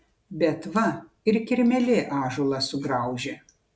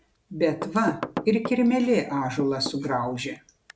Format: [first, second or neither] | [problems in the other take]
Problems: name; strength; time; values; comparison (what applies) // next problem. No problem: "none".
first | background sound (Knock / Wood); 12 dB below the speech